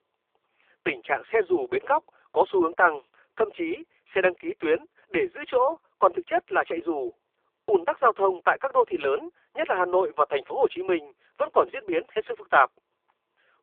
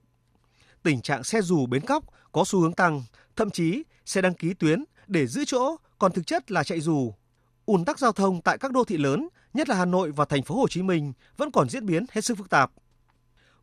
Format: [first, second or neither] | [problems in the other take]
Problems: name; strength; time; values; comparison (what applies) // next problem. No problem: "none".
second | phone-call audio; poor line